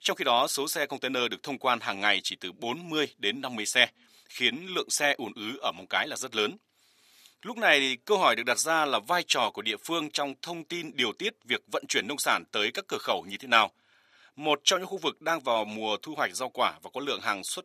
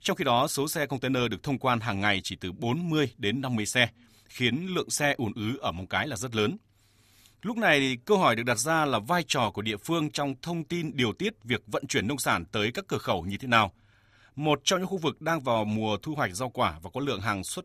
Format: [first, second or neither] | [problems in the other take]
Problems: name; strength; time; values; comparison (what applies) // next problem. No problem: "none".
second | thin; somewhat; fading below 350 Hz